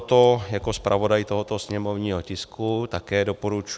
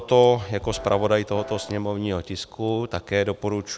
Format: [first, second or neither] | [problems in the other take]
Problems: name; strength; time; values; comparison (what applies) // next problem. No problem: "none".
first | background sound (Piano); 14 dB below the speech